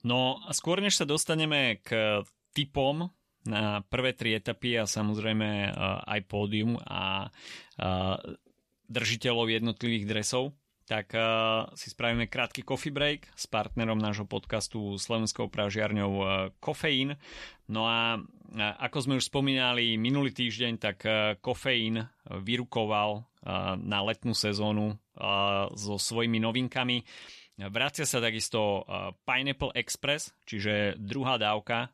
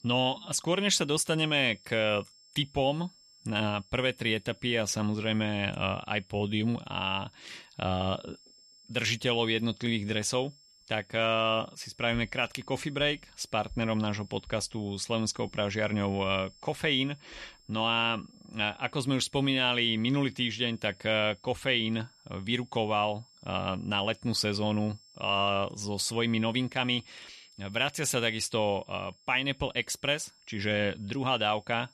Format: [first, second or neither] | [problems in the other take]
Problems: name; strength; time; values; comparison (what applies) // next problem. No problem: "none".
first | high-pitched whine; faint; throughout; 5.5 kHz, 30 dB below the speech